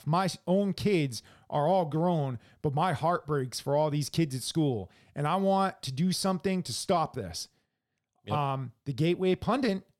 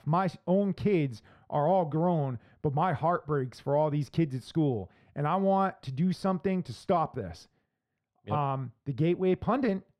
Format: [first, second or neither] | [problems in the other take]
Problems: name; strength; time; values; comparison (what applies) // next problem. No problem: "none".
first | muffled; slightly; fading above 3.5 kHz